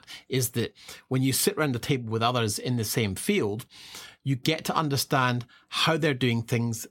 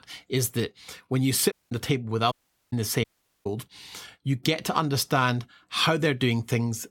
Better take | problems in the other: first | audio cutting out; at 1.5 s, at 2.5 s and at 3 s

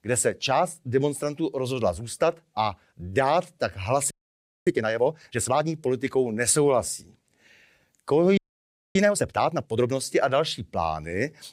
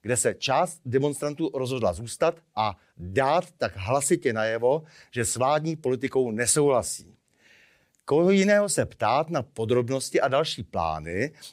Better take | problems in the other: second | audio freezing; at 4 s for 0.5 s and at 8.5 s for 0.5 s

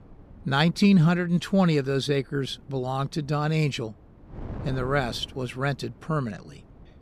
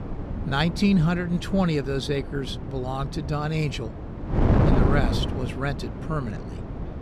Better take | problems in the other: first | wind noise on the microphone; heavy; 5 dB below the speech; occasional gusts in the first

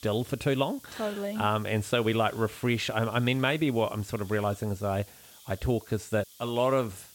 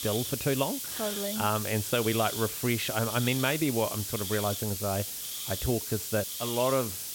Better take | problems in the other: first | hiss; loud; throughout; 3 dB below the speech; faint in the first

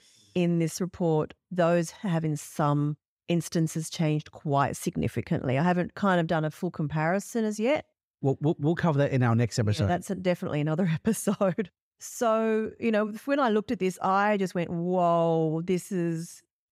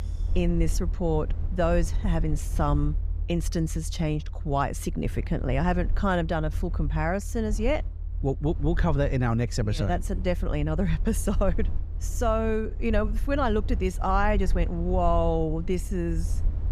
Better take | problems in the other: first | low rumble; faint; throughout; 20 dB below the speech

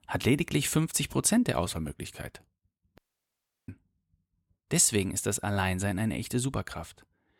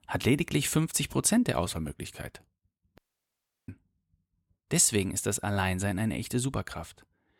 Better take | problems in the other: neither | audio cutting out; at 3 s for 0.5 s; the same in both

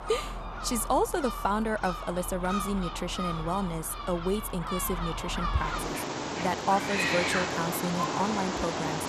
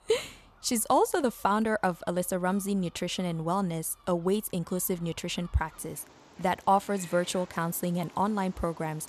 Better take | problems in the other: second | animal sounds; loud; throughout; 2 dB below the speech; faint in the second

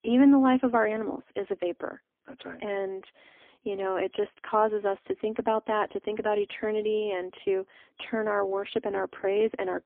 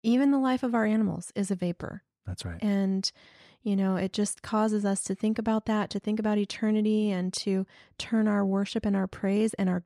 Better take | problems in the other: second | phone-call audio; poor line; nothing above 3.5 kHz

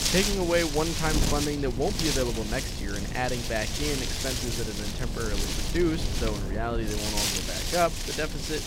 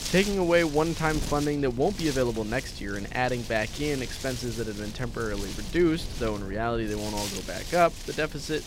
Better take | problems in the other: second | wind noise on the microphone; heavy; 1 dB below the speech; occasional gusts in the second

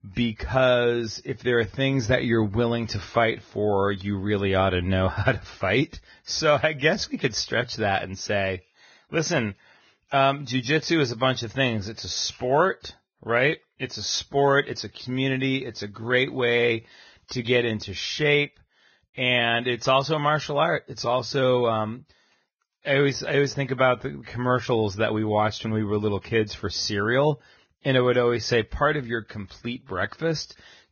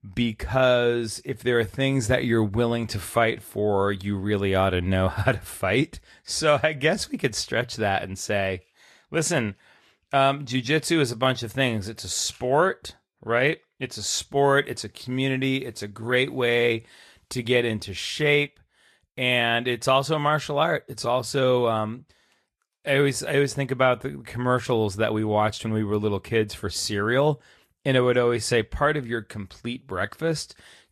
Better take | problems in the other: second | garbled, watery; badly; nothing above 6.5 kHz; slightly in the second

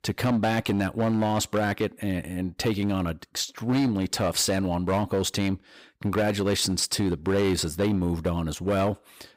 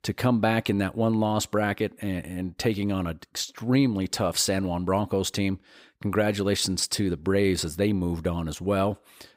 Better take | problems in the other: second | distortion; slight; 10% of the sound clipped

